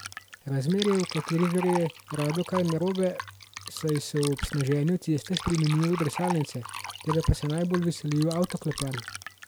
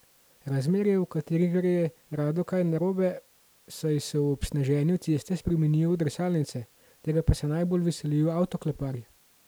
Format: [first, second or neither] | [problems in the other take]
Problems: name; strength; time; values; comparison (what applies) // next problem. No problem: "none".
second | background sound (Fill (with liquid)); 11 dB below the speech